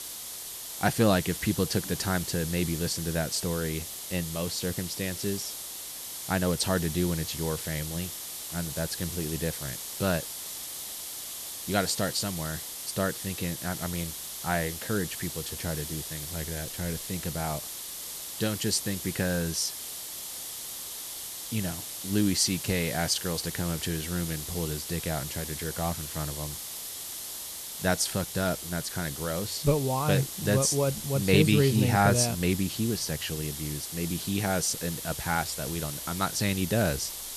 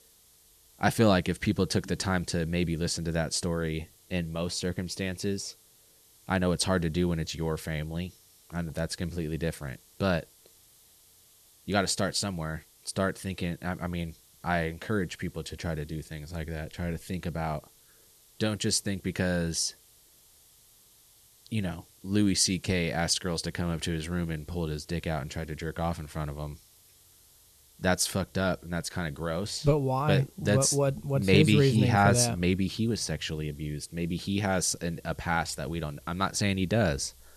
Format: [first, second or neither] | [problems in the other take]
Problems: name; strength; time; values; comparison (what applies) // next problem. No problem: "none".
second | hiss; loud; throughout; 6 dB below the speech; faint in the second